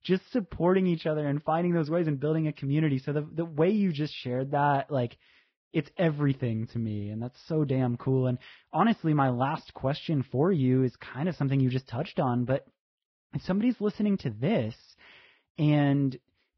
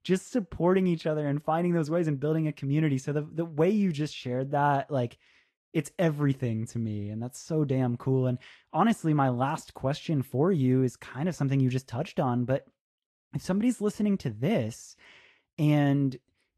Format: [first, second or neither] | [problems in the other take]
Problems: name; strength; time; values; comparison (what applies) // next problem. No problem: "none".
second | garbled, watery; badly; nothing above 5.5 kHz; slightly in the second